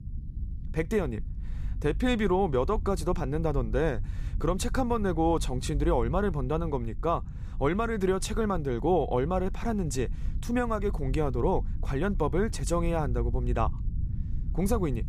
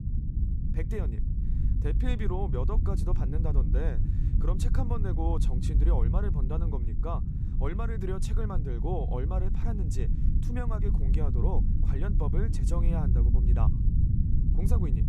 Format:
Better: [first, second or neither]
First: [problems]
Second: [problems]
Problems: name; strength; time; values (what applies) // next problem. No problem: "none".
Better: first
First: low rumble; faint; throughout; 20 dB below the speech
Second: low rumble; loud; throughout; 4 dB below the speech